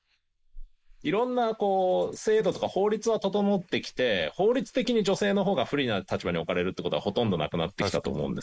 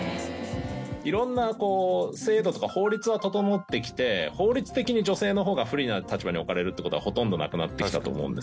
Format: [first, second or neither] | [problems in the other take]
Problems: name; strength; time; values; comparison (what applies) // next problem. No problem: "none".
second | noise reduction (neural mask model Resemble Enhance denoiser)